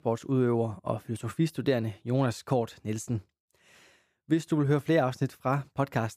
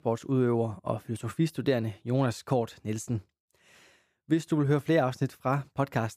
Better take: neither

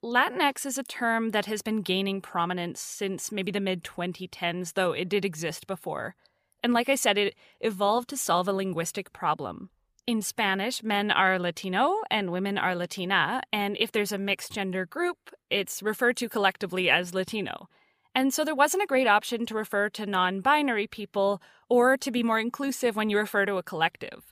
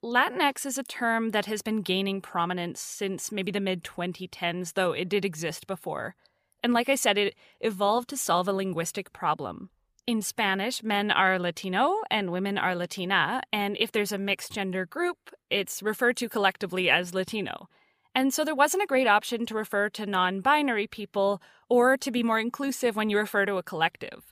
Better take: neither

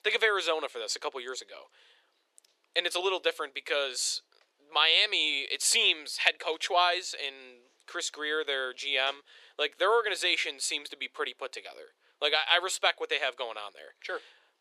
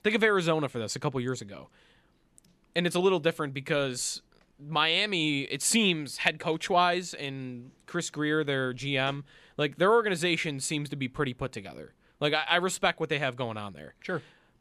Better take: second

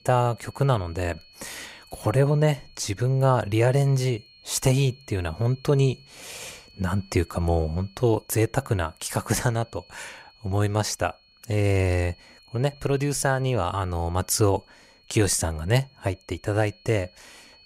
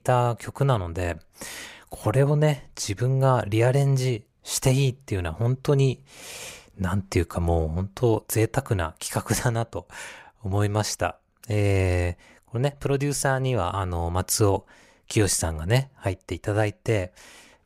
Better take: second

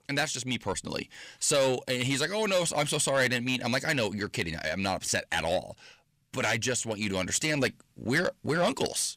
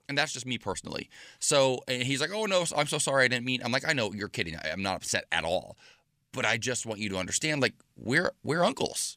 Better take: second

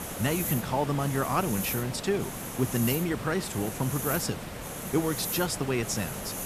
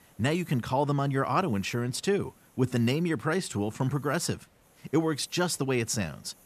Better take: second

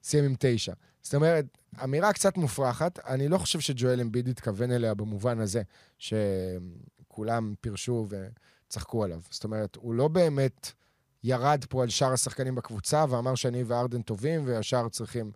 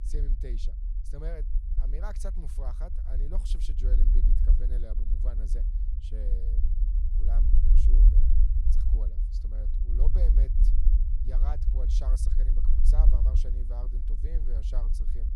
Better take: first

